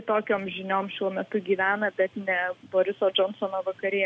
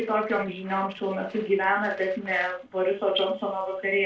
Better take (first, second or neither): first